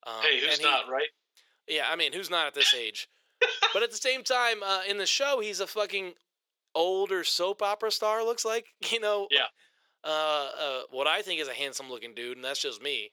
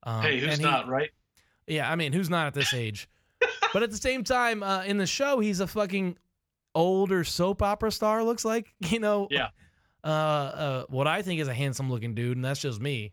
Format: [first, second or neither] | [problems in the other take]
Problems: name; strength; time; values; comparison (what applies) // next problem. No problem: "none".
second | thin; very; fading below 400 Hz